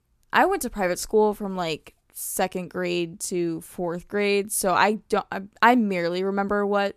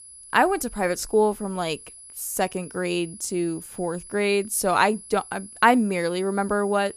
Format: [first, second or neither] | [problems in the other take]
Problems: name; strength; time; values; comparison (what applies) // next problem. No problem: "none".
first | high-pitched whine; noticeable; throughout; 10.5 kHz, 15 dB below the speech